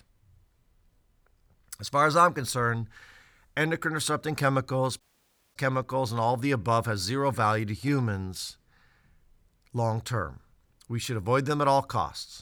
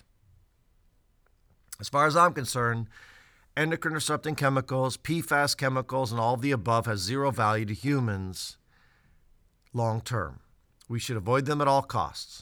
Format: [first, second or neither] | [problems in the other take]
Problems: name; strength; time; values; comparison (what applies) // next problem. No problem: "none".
second | audio cutting out; at 5 s for 0.5 s